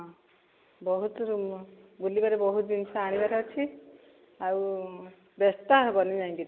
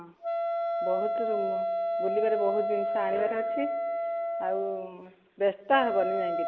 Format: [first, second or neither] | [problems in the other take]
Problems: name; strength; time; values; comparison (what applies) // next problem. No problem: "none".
first | background sound (Wind instrument, woodwind instrument); 1 dB above the speech